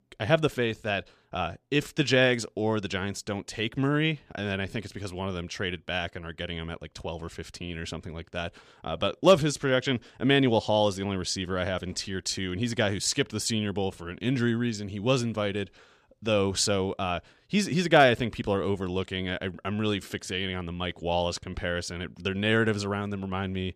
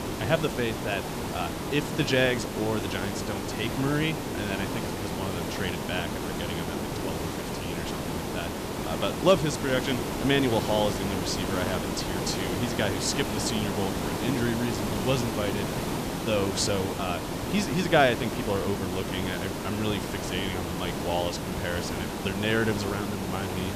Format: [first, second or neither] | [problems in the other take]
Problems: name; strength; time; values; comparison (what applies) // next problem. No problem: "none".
first | hiss; loud; throughout; 2 dB below the speech